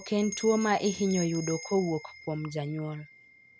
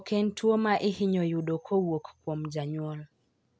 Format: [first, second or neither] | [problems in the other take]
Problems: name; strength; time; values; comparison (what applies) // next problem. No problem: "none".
second | background sound (Bell); 14 dB below the speech